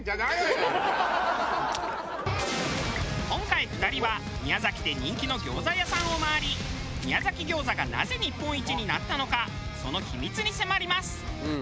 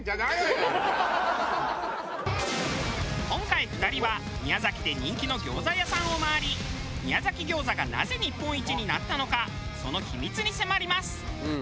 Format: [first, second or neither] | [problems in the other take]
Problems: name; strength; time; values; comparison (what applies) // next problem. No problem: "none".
second | background sound (Raindrop); 18 dB below the speech